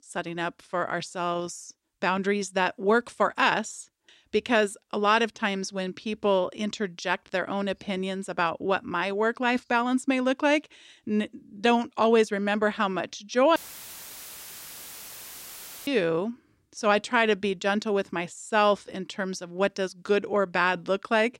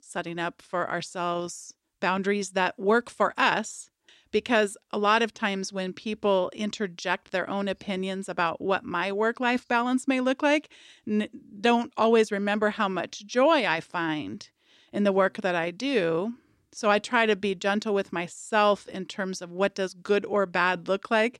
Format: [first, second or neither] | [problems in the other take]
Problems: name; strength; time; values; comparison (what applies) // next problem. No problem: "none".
second | audio cutting out; filled with static; at 14 s for 2.5 s